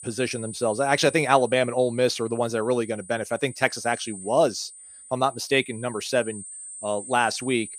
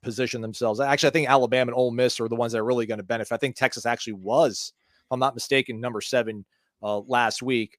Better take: second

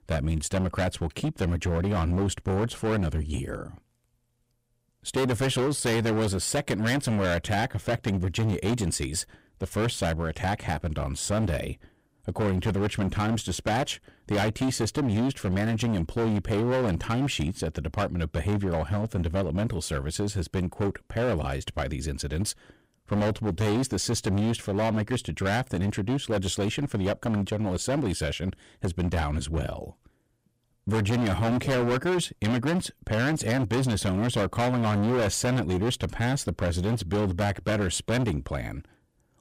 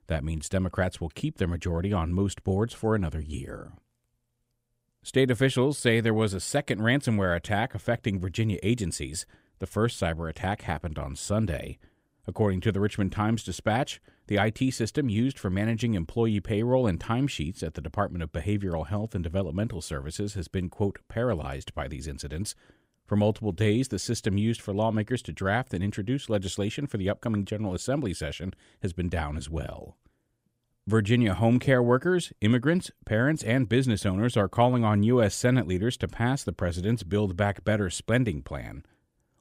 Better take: second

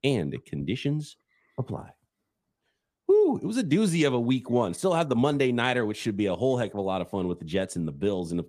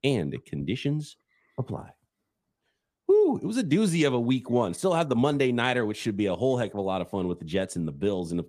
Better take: neither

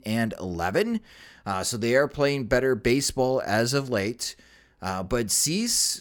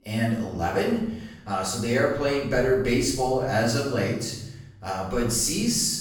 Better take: first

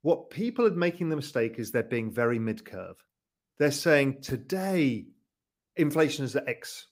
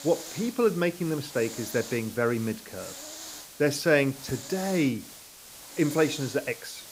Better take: first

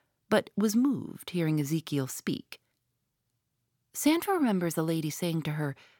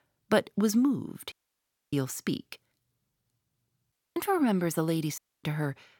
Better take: first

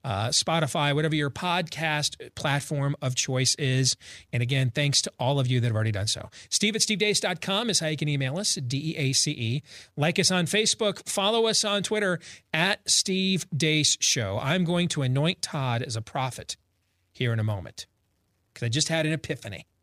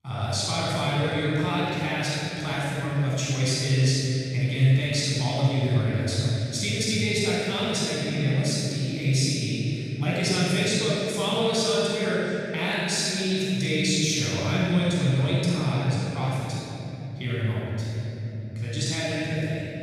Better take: first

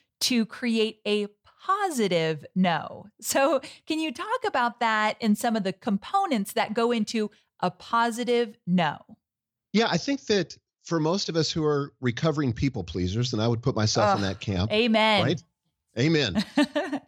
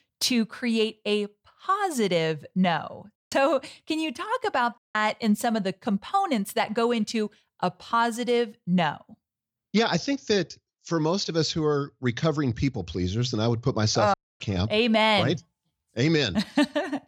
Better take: first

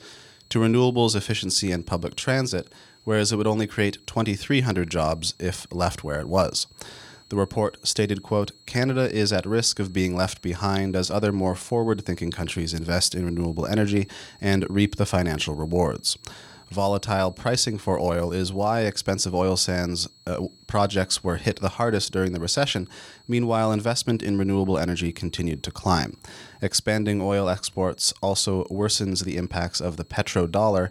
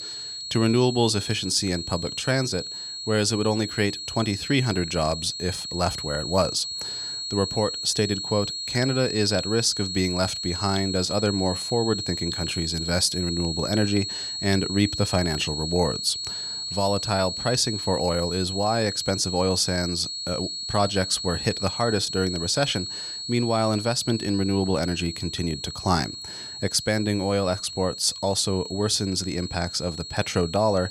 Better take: first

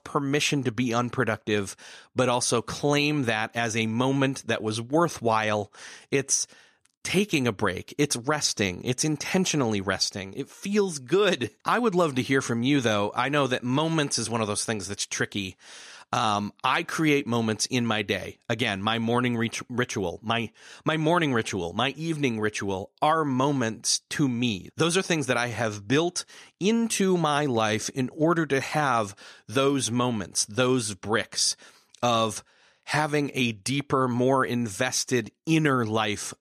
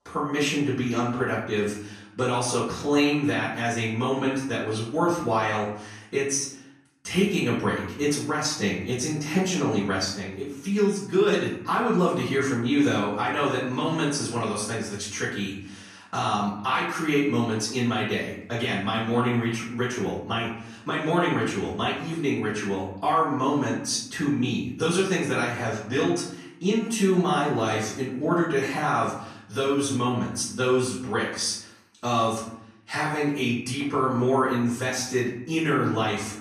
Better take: first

